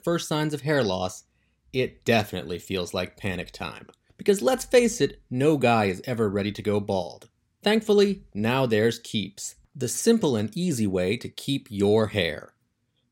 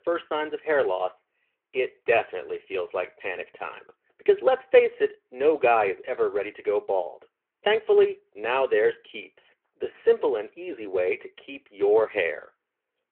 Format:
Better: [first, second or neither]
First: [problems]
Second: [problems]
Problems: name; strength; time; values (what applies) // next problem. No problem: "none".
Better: first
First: none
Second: phone-call audio